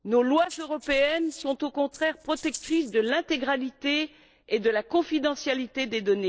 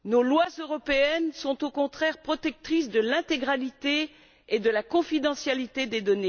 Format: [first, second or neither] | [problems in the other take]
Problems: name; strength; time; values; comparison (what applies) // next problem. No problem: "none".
second | noise reduction (neural separator model SepFormer DNS4)